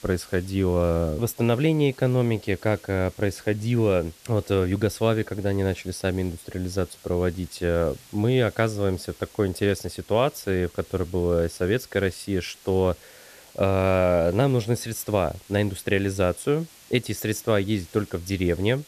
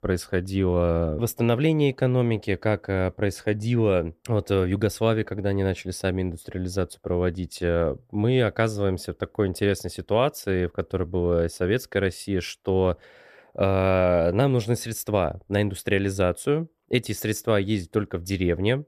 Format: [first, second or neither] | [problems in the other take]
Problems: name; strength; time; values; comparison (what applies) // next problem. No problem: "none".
second | hiss; faint; throughout; 25 dB below the speech